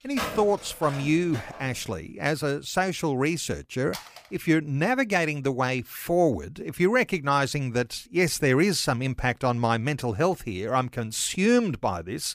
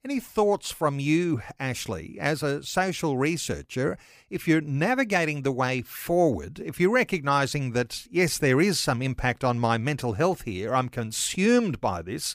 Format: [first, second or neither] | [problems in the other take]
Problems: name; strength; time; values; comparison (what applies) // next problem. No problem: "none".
second | phone ringing; noticeable; until 1.5 s; peak 6 dB below the speech // phone ringing; faint; at 4 s; peak 15 dB below the speech